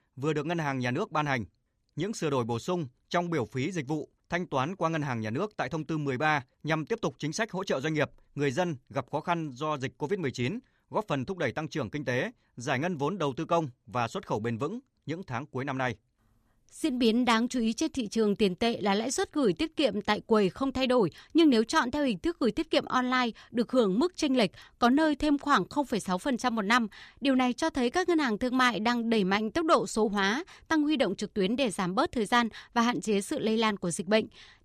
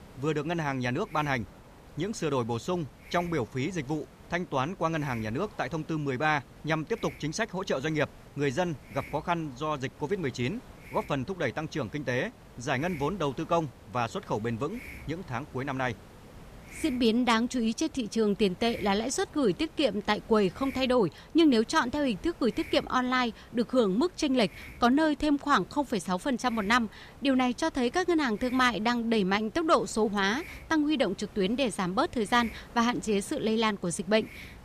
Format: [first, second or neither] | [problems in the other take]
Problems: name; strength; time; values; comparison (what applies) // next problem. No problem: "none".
first | hiss; faint; throughout; 20 dB below the speech